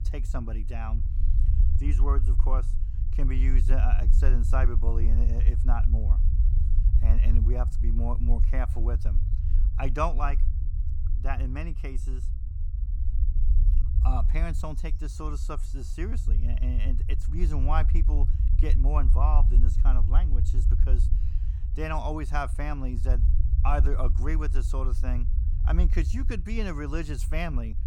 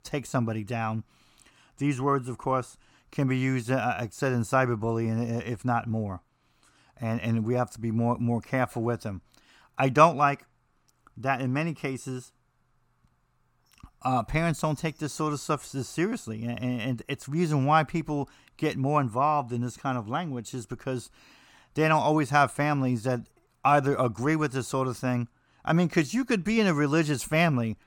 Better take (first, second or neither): second